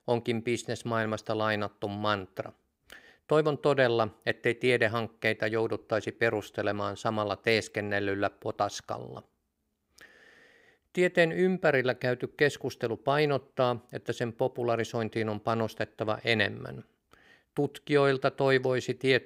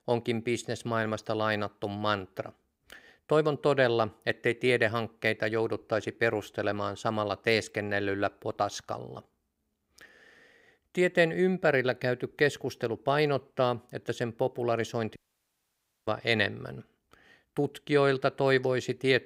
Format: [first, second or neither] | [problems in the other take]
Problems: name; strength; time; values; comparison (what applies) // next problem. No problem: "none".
first | audio cutting out; at 15 s for 1 s